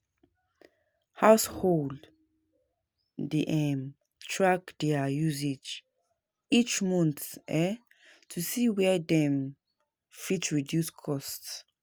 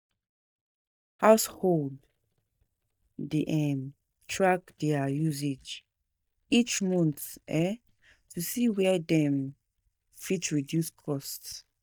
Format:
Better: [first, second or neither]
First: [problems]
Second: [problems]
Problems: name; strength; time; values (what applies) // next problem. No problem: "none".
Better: first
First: none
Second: noise reduction (neural mask model DeepFilterNet 3)